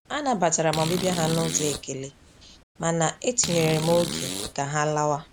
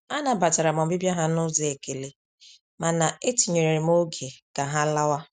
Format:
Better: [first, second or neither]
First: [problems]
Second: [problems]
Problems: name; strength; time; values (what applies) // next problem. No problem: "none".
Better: second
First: background sound (Fart); 9 dB below the speech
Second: none